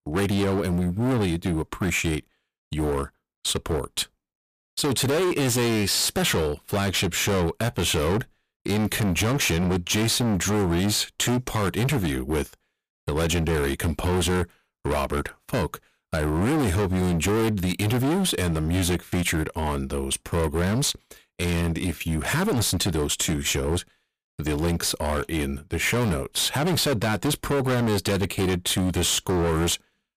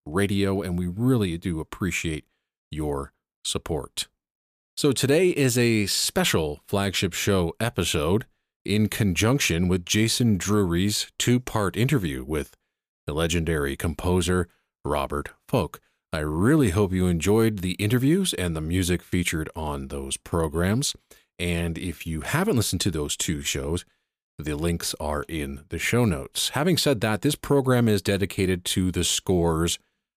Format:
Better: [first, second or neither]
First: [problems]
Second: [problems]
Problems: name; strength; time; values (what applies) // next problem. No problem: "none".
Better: second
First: distortion; heavy; 25% of the sound clipped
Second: none